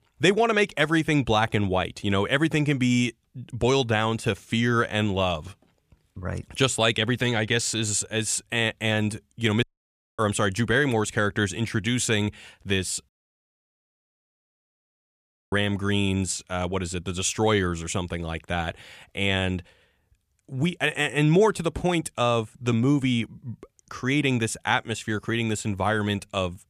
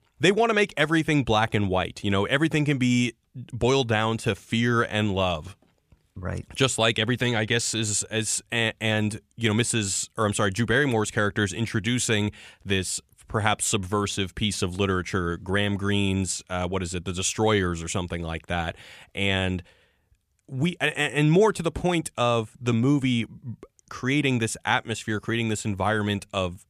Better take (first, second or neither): second